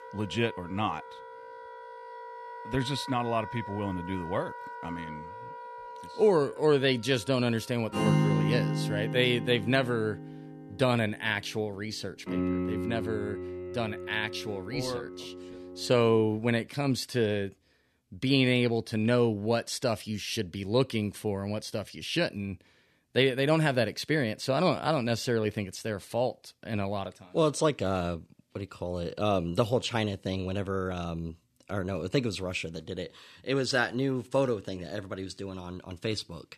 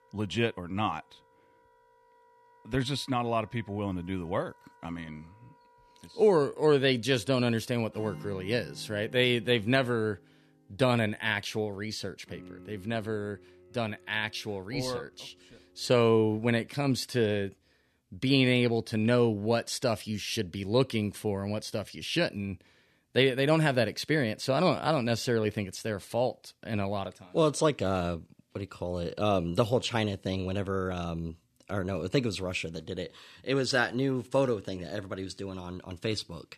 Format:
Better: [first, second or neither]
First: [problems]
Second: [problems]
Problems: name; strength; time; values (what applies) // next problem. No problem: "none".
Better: second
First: background music; loud; until 16 s; 6 dB below the speech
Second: background music; faint; until 16 s; 25 dB below the speech